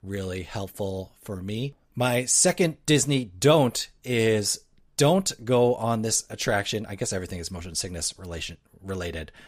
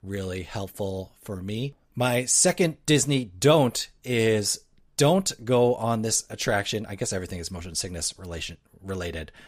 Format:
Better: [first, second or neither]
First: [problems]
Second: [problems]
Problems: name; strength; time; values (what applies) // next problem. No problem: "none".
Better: neither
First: none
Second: none